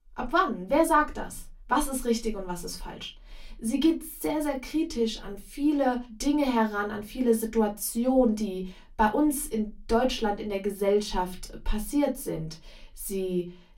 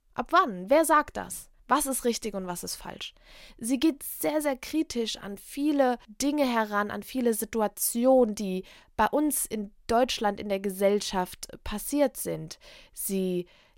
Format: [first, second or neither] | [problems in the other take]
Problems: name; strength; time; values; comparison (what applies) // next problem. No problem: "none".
second | off-mic speech; far // room echo; very slight; dies away in 0.2 s